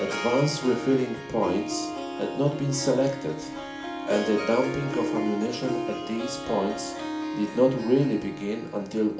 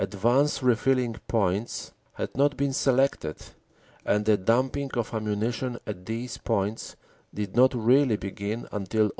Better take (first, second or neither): second